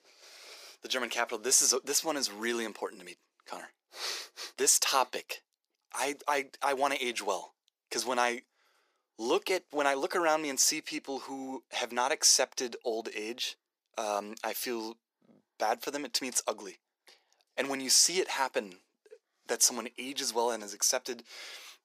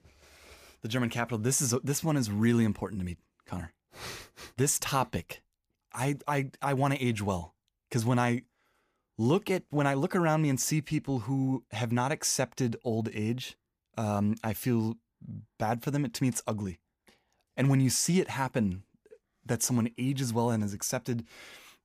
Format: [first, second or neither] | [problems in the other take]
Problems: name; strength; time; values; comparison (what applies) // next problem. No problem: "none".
second | thin; very; fading below 350 Hz